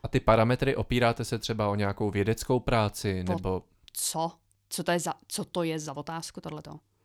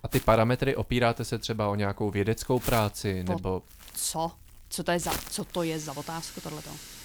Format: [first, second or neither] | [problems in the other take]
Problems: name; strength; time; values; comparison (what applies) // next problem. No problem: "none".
first | household noises; noticeable; throughout; 10 dB below the speech